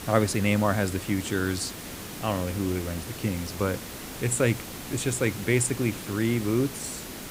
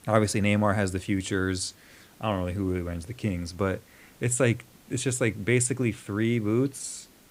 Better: second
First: hiss; loud; throughout; 9 dB below the speech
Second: hiss; faint; throughout; 25 dB below the speech

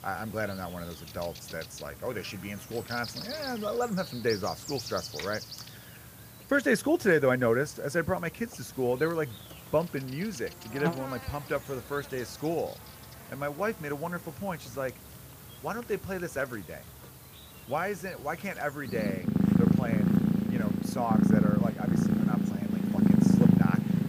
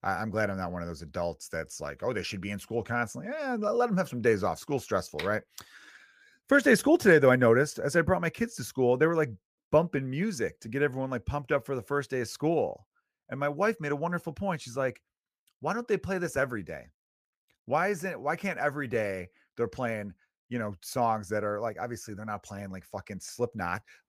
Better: second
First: animal sounds; very loud; throughout; 5 dB above the speech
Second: none

